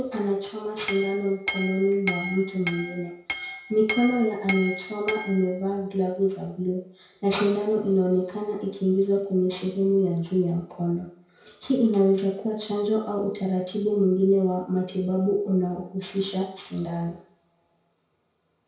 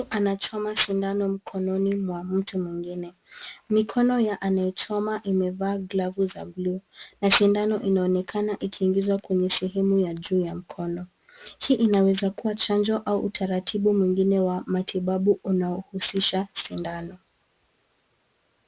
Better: second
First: background sound (Chink, clink); 8 dB below the speech // room echo; dies away in 0.5 s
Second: none

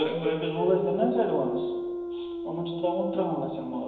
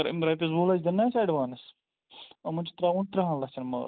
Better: second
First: background sound (Dog); 3 dB below the speech // room echo; dies away in 1 s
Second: none

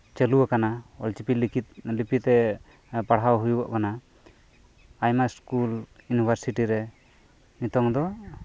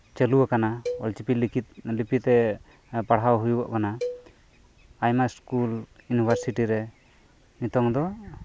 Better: first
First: none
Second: background sound (Cowbell); 13 dB below the speech

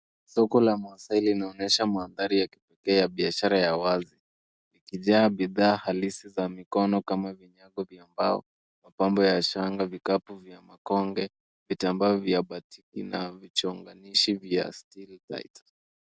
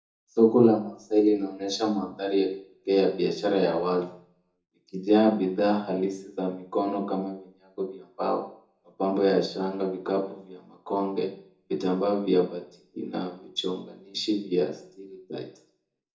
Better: first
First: none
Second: room echo; dies away in 0.6 s

